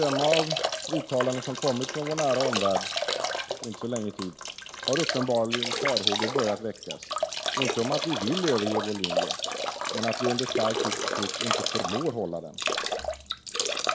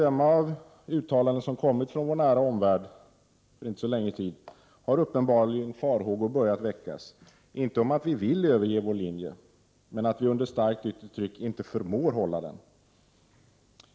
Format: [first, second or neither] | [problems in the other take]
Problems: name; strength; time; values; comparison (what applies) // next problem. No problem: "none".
second | background sound (Drip / Trickle, dribble / Bathtub (filling or washing)); as loud as the speech